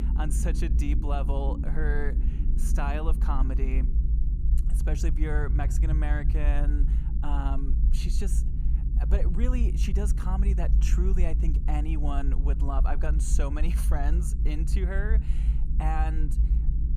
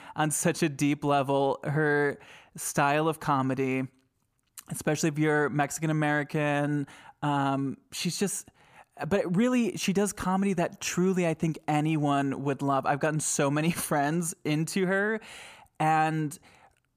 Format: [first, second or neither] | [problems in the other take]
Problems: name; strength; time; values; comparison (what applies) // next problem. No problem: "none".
second | low rumble; loud; throughout; 8 dB below the speech